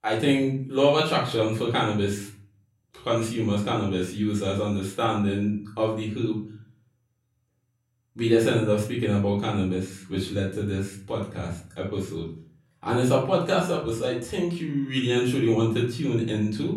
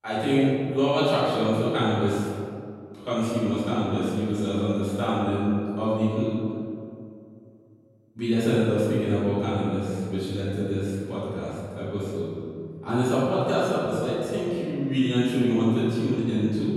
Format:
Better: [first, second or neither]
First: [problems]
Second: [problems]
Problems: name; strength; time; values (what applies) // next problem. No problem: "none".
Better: first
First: room echo; slight; dies away in 0.4 s // off-mic speech; far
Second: room echo; strong; dies away in 2.2 s // off-mic speech; far